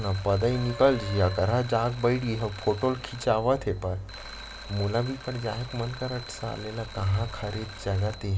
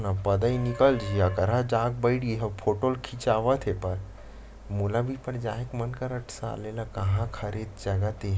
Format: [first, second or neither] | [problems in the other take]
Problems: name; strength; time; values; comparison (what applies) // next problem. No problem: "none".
second | background sound (Alarm); 17 dB below the speech